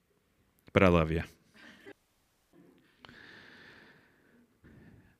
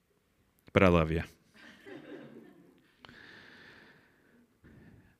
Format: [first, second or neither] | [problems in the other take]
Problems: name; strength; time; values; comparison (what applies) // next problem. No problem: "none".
second | audio cutting out; at 2 s for 0.5 s